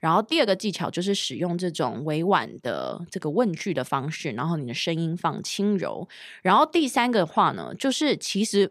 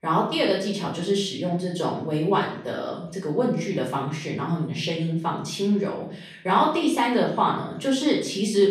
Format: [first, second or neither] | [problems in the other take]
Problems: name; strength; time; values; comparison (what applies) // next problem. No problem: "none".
first | room echo; noticeable; dies away in 0.6 s // off-mic speech; far